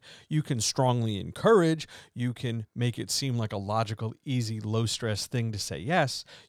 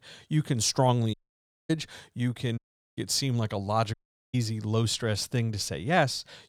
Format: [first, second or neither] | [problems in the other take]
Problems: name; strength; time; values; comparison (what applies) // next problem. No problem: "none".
first | audio cutting out; at 1 s for 0.5 s, at 2.5 s and at 4 s